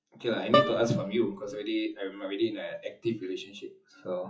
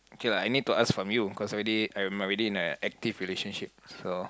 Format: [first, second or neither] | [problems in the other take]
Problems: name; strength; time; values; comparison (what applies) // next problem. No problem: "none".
second | noise reduction (classical method WPE with log-MMSE)